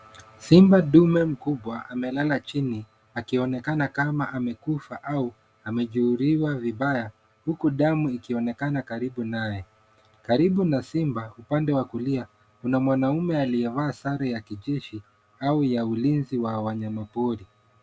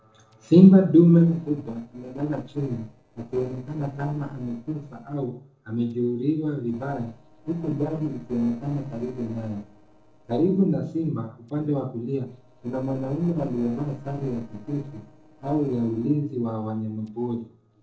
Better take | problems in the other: first | noise reduction (neural separator model SepFormer DNS4)

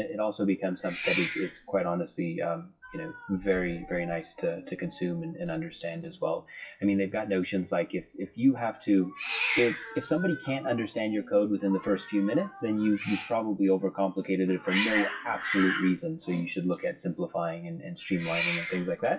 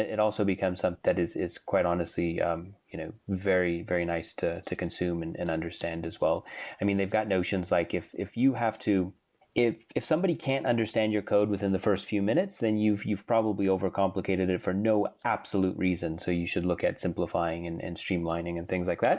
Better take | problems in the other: second | noise reduction (classical method WPE with log-MMSE)

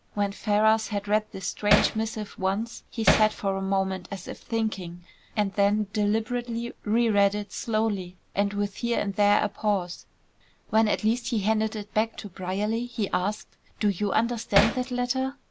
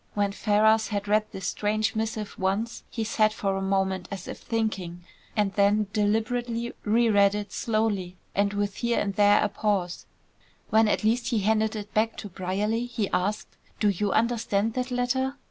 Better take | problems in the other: second | background sound (Hammer); 1 dB above the speech

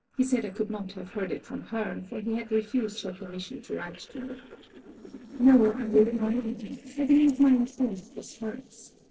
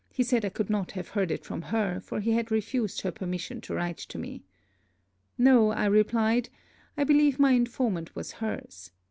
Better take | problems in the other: second | noise reduction (neural separator model SepFormer DNS4)

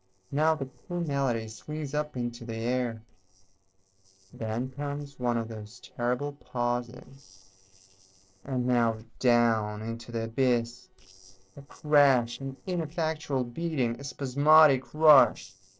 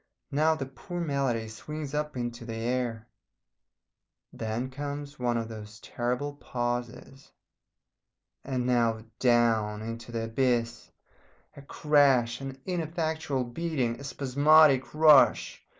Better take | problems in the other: second | noise reduction (neural separator model SepFormer DNS4)

